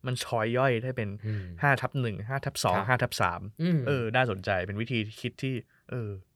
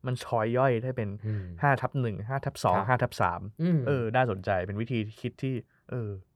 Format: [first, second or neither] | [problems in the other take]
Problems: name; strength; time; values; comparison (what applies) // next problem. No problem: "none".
first | muffled; slightly; fading above 1.5 kHz